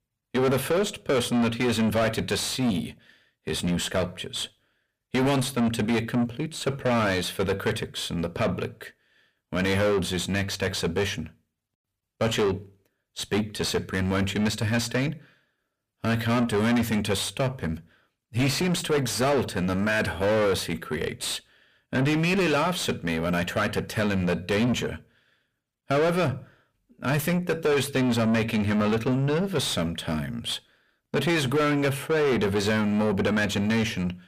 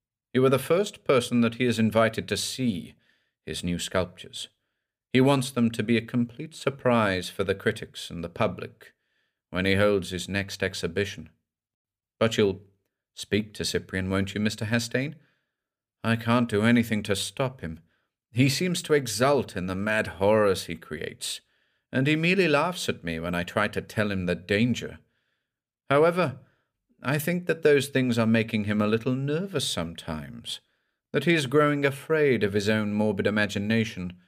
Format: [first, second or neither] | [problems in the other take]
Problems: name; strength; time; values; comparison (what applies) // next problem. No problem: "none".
second | distortion; heavy; 6 dB below the speech